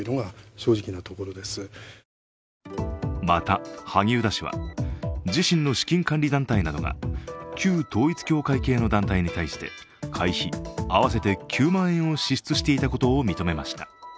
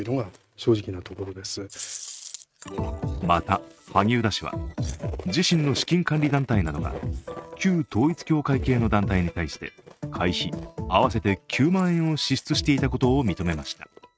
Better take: first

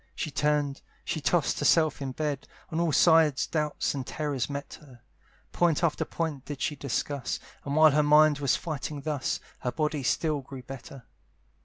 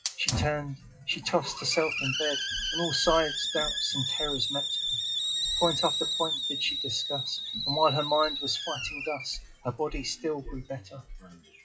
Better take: first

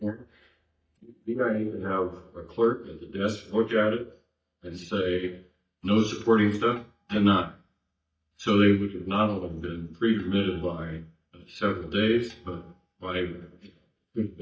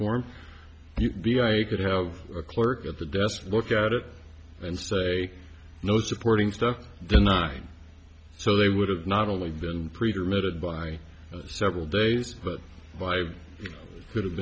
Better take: second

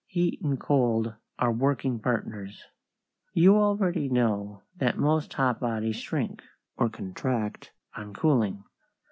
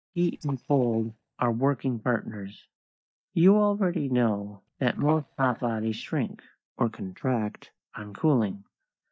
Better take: first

